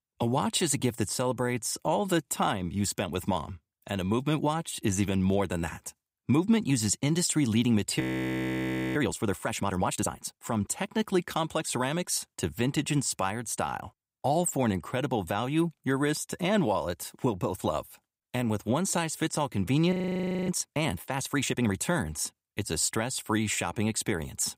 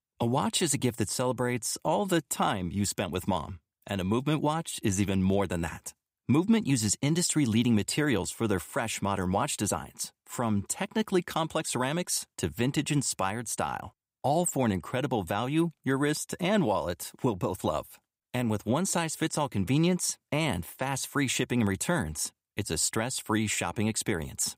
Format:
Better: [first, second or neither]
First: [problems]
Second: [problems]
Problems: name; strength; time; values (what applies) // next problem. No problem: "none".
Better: second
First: audio freezing; at 8 s for 1 s and at 20 s for 0.5 s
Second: none